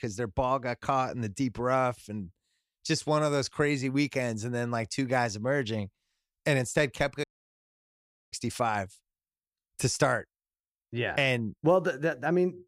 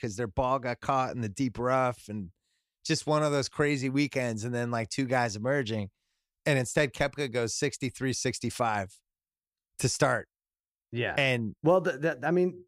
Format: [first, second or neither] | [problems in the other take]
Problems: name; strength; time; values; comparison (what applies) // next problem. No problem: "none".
second | audio cutting out; at 7 s for 1 s